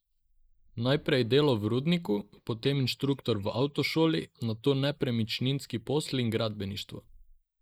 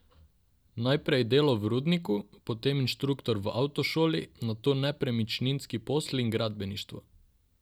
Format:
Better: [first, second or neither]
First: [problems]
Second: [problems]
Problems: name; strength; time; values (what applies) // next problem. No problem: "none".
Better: second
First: noise reduction (neural mask model Resemble Enhance denoiser)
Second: none